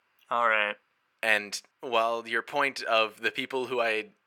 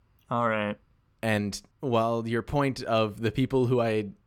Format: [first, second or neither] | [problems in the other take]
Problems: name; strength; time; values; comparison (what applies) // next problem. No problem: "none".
second | thin; very; fading below 550 Hz